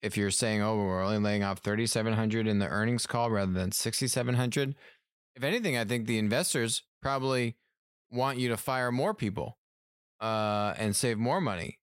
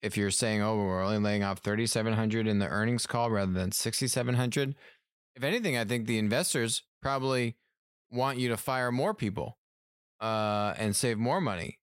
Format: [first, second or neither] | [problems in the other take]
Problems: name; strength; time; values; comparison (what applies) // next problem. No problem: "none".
neither | none